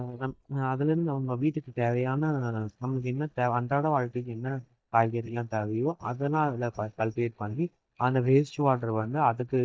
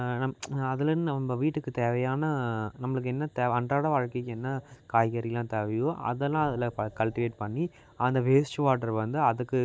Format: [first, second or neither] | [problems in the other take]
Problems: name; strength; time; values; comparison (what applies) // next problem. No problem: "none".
second | noise reduction (neural mask model DeepFilterNet 3)